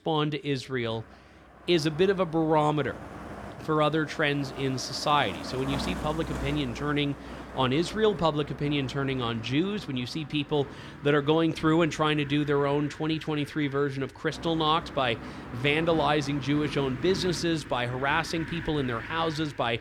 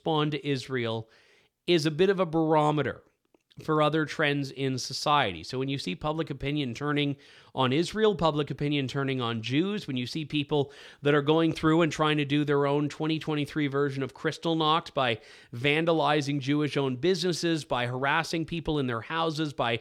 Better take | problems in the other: second | traffic noise; noticeable; throughout; 15 dB below the speech

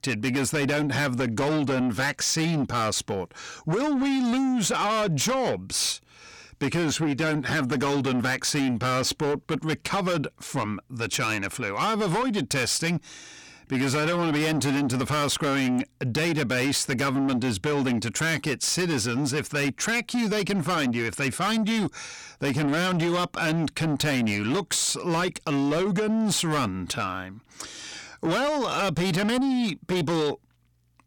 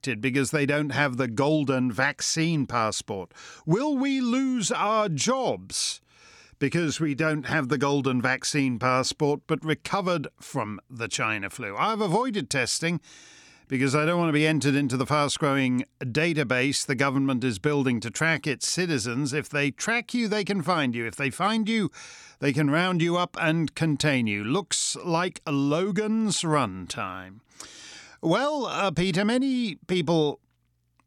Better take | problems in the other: second | distortion; heavy; 7 dB below the speech

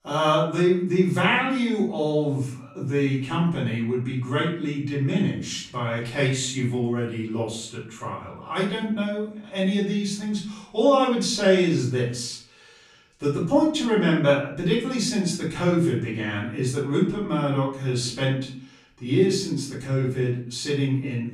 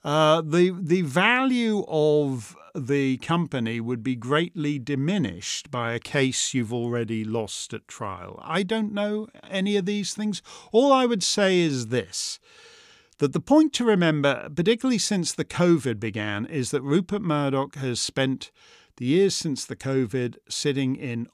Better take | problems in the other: second | off-mic speech; far // room echo; noticeable; dies away in 0.5 s

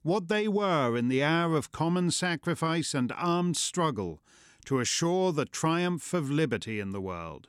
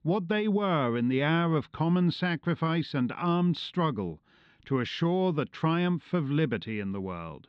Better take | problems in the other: first | muffled; slightly; fading above 4 kHz

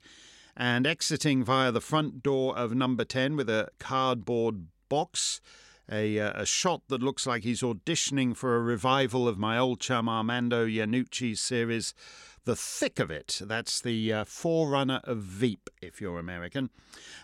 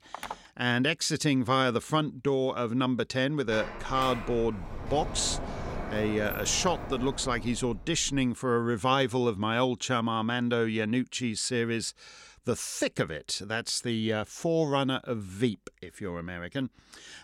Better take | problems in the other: first | phone ringing; faint; at the start; peak 10 dB below the speech // door banging; noticeable; from 3.5 to 8.5 s; peak 8 dB below the speech

